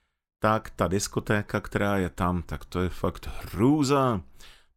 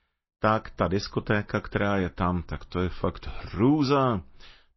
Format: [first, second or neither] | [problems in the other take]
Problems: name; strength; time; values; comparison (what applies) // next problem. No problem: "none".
first | garbled, watery; slightly; nothing above 5.5 kHz